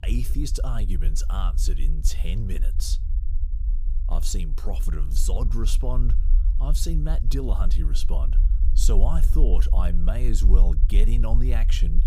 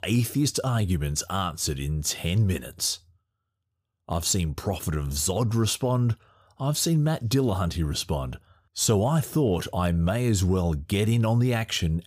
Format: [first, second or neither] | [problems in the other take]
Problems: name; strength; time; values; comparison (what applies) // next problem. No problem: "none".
second | low rumble; noticeable; throughout; 10 dB below the speech